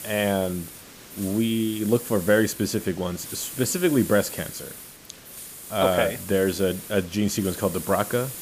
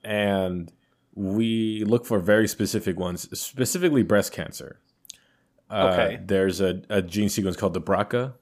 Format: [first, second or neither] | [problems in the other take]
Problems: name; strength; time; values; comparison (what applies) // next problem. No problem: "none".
second | hiss; noticeable; throughout; 10 dB below the speech